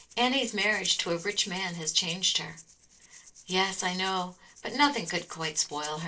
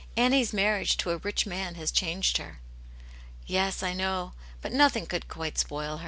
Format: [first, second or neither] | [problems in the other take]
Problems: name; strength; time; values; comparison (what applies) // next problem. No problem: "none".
second | noise reduction (neural separator model SepFormer DNS4)